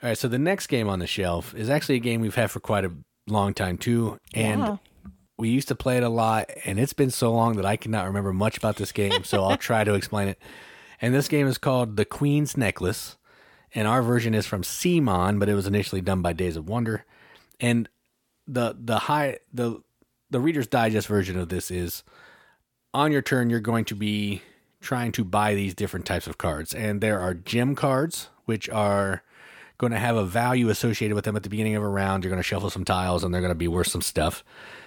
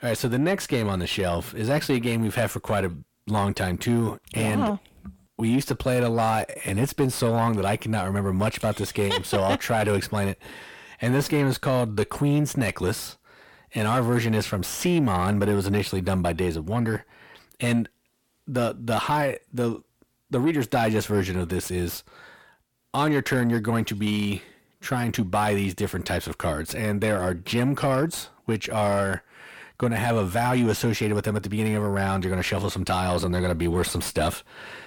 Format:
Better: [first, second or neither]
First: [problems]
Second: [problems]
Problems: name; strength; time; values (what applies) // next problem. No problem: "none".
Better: first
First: none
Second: distortion; slight; 10 dB below the speech